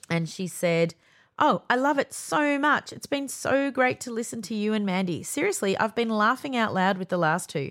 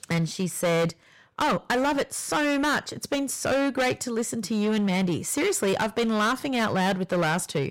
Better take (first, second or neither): first